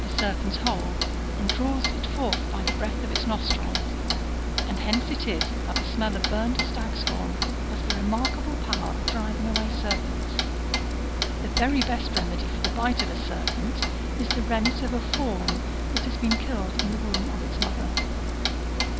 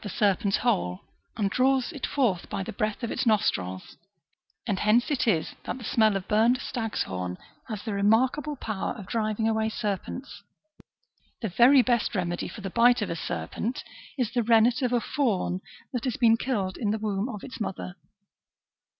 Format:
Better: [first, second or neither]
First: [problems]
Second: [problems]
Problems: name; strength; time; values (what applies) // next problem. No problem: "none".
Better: second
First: background sound (Clock); 5 dB above the speech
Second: none